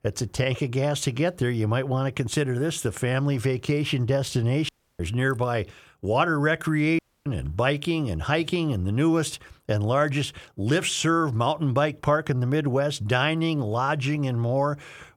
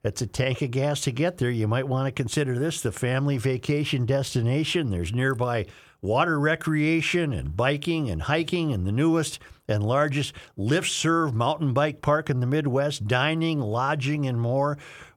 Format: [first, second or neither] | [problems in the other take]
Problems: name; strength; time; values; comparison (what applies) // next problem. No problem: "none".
second | audio cutting out; at 4.5 s and at 7 s